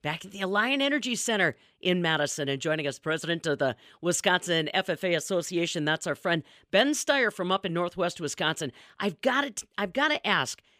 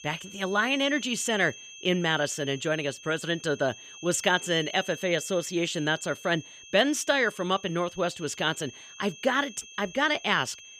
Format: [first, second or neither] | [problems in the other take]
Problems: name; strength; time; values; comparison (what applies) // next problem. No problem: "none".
first | high-pitched whine; noticeable; throughout; 3 kHz, 15 dB below the speech